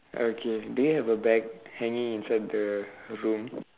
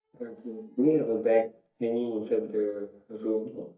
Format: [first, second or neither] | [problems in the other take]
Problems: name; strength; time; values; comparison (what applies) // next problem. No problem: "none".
first | noise reduction (neural mask model DeepFilterNet 3)